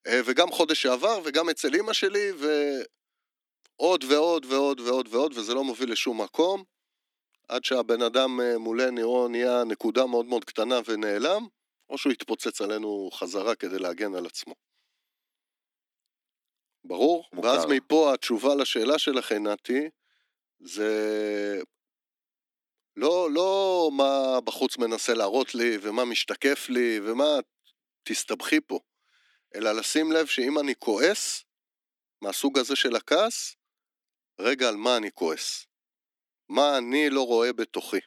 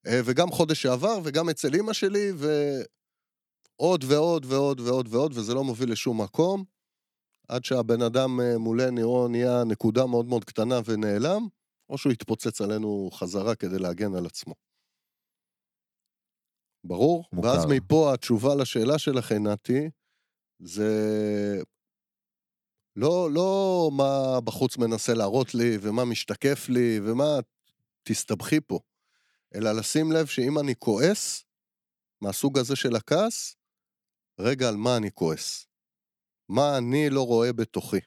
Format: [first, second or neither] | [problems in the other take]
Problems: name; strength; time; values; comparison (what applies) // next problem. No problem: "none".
second | thin; very slightly; fading below 250 Hz